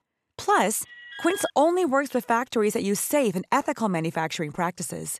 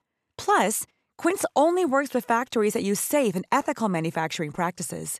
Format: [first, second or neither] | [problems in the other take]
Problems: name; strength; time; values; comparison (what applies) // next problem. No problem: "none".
second | alarm; faint; at 1 s; peak 10 dB below the speech